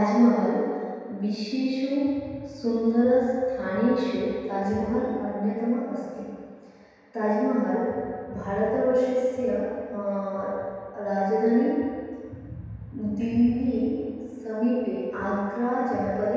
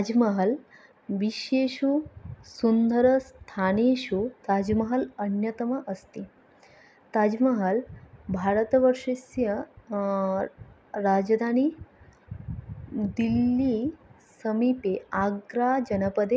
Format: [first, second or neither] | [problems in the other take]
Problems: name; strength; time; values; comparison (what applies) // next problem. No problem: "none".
second | room echo; dies away in 1.9 s